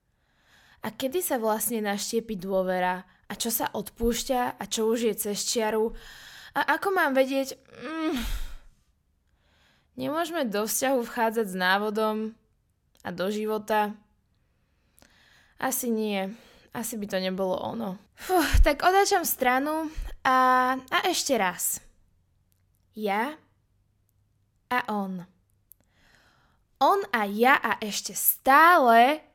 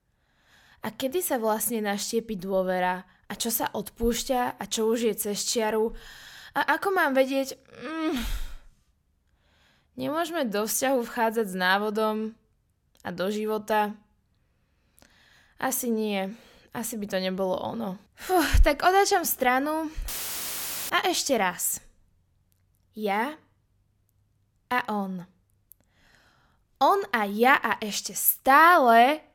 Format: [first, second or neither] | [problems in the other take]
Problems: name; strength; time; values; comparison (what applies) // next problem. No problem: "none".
first | audio cutting out; filled with static; at 20 s for 1 s